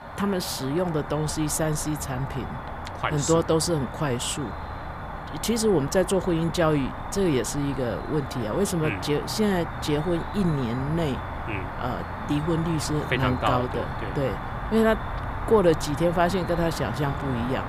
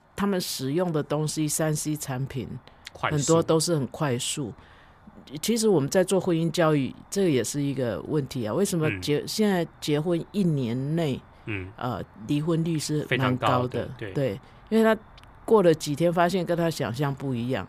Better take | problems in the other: second | animal sounds; loud; throughout; 8 dB below the speech; faint in the second

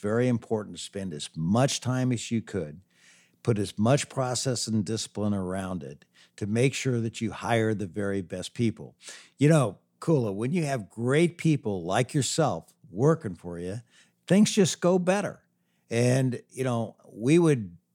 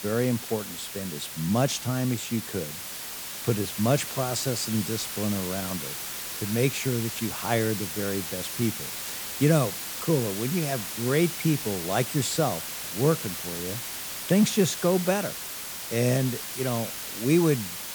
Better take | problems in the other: first | hiss; loud; throughout; 5 dB below the speech

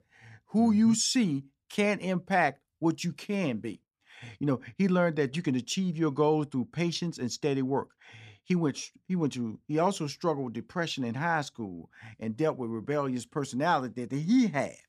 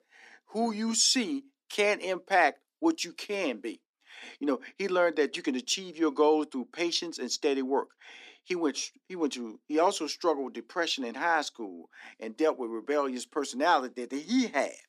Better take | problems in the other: first | thin; somewhat; fading below 300 Hz

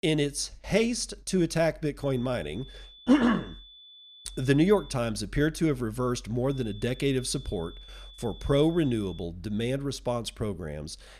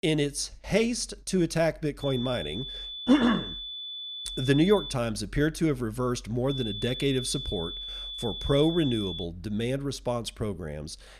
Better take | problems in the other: first | high-pitched whine; loud; from 2 to 5 s and from 6.5 to 9 s; 3.5 kHz, 7 dB below the speech; faint in the first

